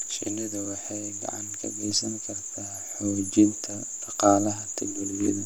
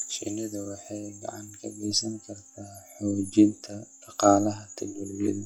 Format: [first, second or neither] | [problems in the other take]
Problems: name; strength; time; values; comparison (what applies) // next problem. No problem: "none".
first | noise reduction (classical method log-MMSE)